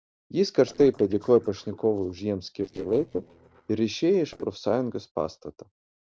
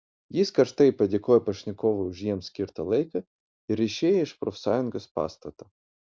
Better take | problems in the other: second | noise reduction (neural separator model SepFormer DNS4)

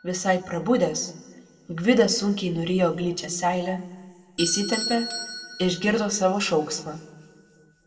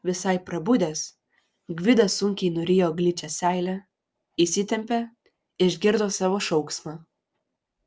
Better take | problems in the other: second | background sound (Bell / Doorbell); 14 dB below the speech // room echo; dies away in 1 s

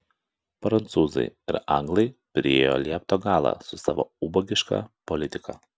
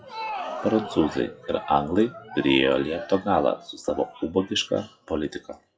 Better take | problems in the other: first | noise reduction (classical method WPE with log-MMSE)

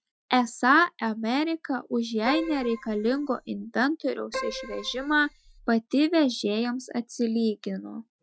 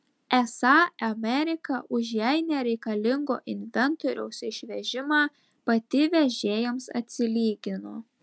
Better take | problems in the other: second | noise reduction (classical method Wiener filter)

